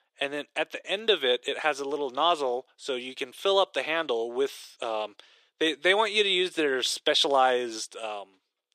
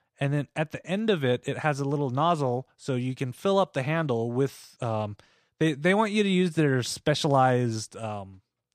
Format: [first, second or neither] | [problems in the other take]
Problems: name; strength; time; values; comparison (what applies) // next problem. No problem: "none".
second | thin; very; fading below 350 Hz